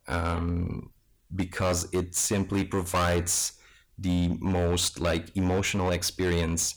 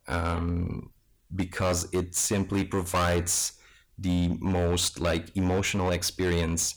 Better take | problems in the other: neither | distortion; heavy; 13% of the sound clipped; the same in both

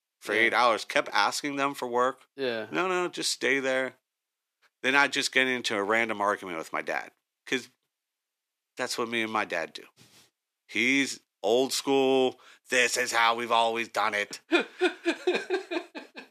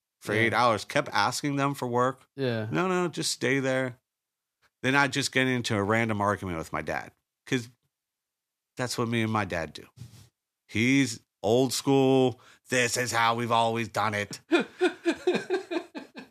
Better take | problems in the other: second | thin; very slightly; fading below 350 Hz

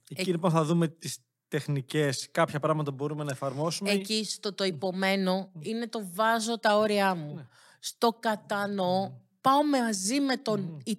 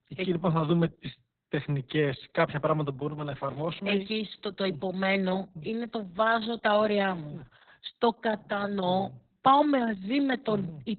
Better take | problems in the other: first | garbled, watery; badly; nothing above 4 kHz

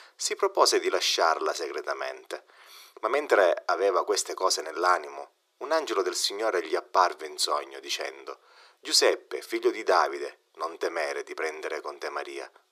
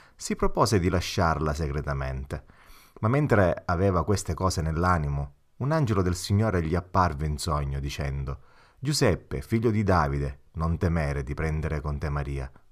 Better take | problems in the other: second | thin; very; fading below 350 Hz

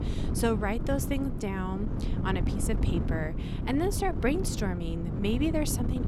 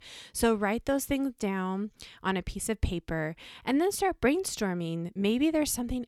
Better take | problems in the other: second | wind noise on the microphone; heavy; 8 dB below the speech

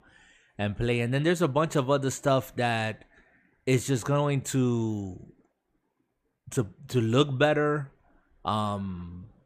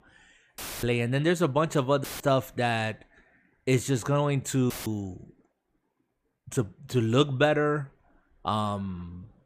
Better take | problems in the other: first | audio cutting out; filled with static; at 0.5 s, at 2 s and at 4.5 s

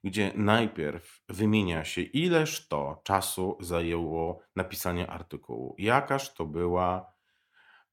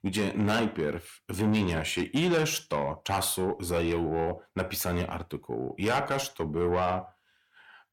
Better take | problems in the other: first | distortion; heavy; 6 dB below the speech

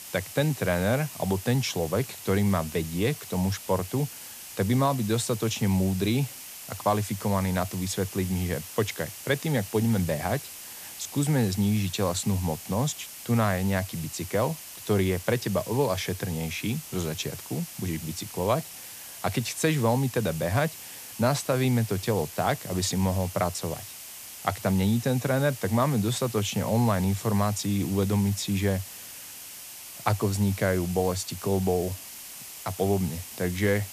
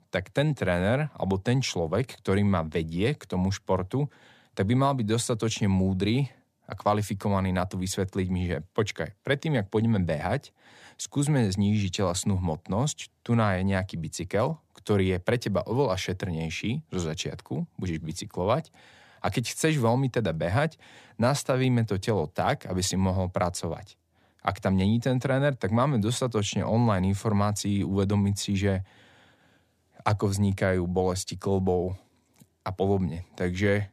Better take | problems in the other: second | hiss; noticeable; throughout; 10 dB below the speech

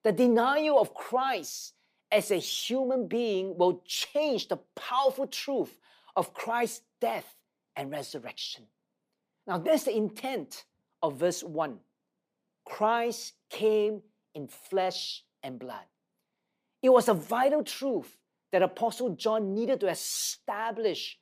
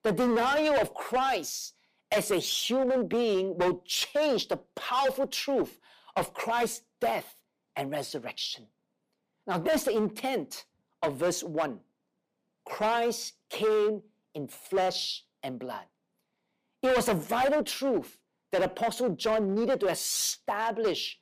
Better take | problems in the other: first | distortion; heavy; 9% of the sound clipped

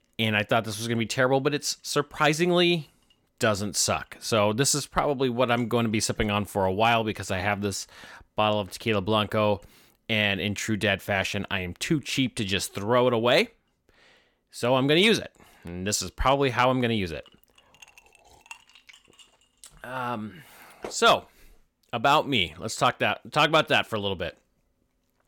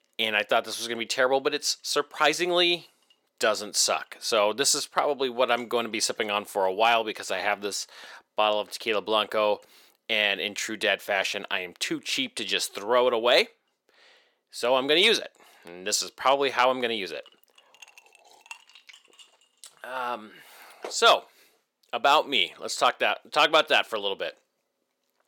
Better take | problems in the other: first | thin; somewhat; fading below 450 Hz

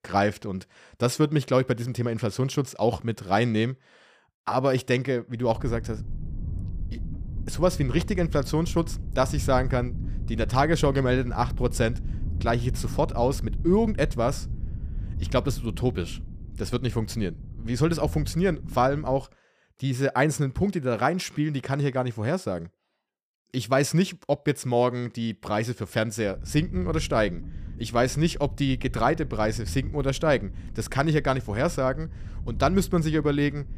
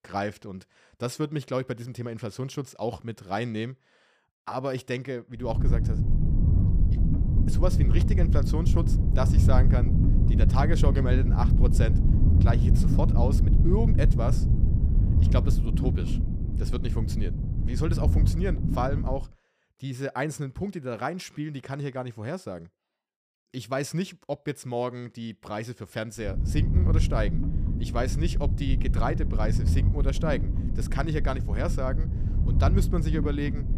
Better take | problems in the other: first | low rumble; loud; from 5.5 to 19 s and from 26 s on; 5 dB below the speech; faint in the first

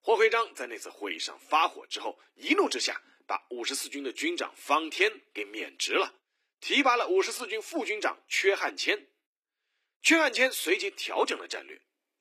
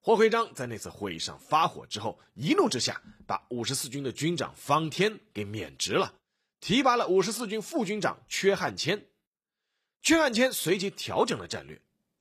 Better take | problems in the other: second | thin; very slightly; fading below 250 Hz

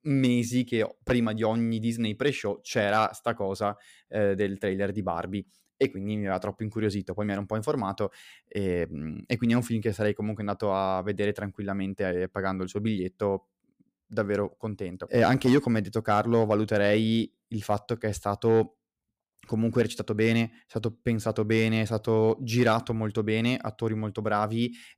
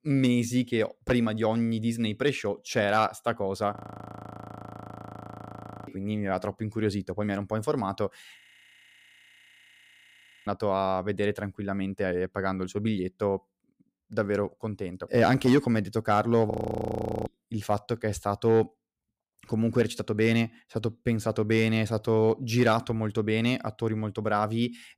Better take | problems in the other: first | audio freezing; at 4 s for 2 s, at 8.5 s for 2 s and at 17 s for 1 s

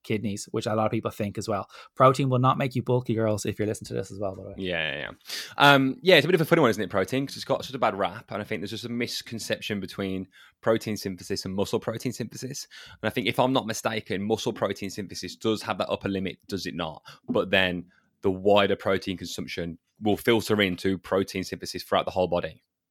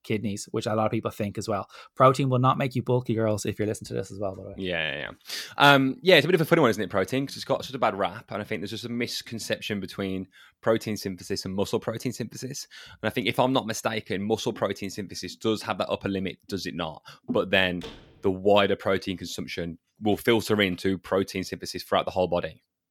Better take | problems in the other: first | door banging; faint; at 18 s; peak 15 dB below the speech

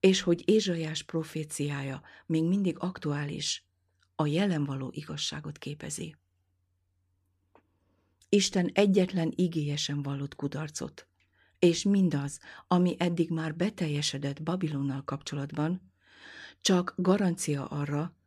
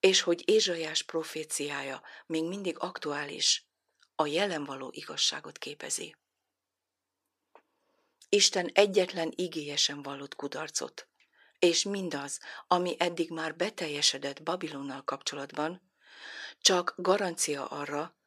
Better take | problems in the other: first | thin; very; fading below 550 Hz

